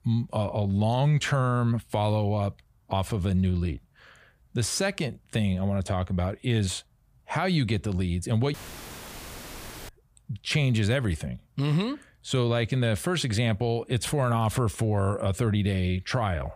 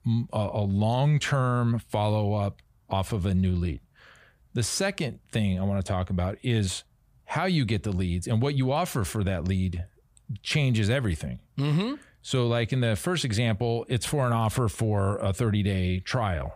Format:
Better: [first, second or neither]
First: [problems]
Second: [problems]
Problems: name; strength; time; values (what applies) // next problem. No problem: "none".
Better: second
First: audio cutting out; filled with static; at 8.5 s for 1.5 s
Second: none